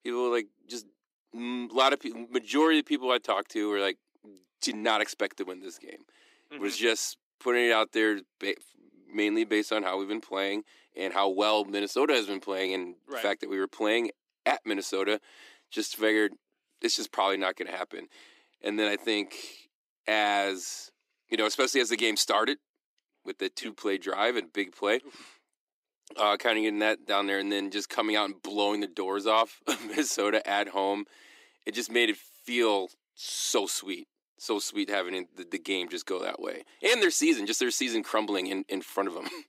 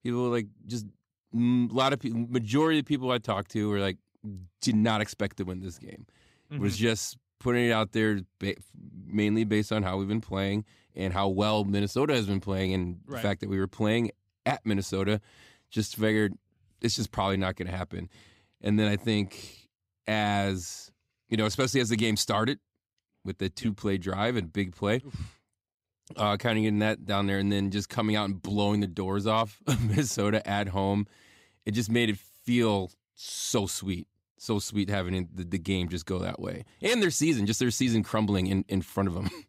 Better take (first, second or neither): second